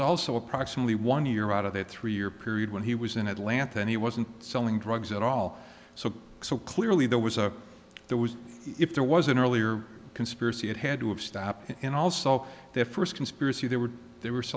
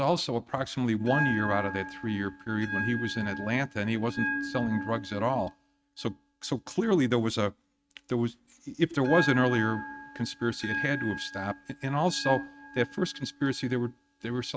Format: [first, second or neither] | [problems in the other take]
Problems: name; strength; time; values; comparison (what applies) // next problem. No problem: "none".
first | noise reduction (neural mask model RNNoise)